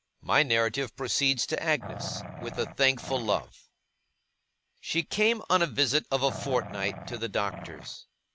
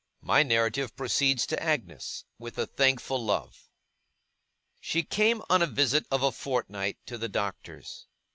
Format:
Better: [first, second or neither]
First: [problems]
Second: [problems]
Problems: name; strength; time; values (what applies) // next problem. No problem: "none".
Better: second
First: background sound (Growling); 10 dB below the speech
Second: none